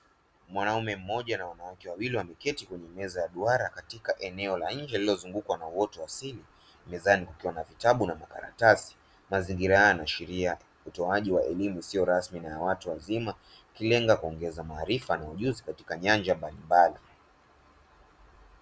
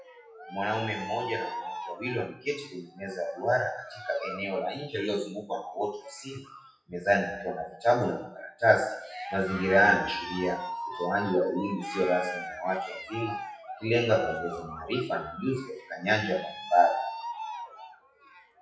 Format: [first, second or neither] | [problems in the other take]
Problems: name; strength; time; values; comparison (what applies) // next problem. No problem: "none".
first | noise reduction (classical method WPE with log-MMSE)